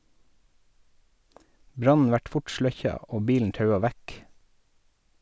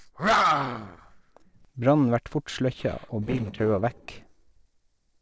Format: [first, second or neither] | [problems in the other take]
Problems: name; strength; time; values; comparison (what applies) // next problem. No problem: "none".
first | noise reduction (neural separator model SepFormer DNS4)